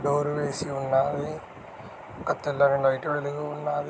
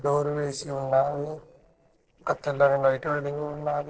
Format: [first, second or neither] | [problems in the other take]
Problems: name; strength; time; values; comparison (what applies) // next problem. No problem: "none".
first | noise reduction (neural separator model SepFormer DNS4)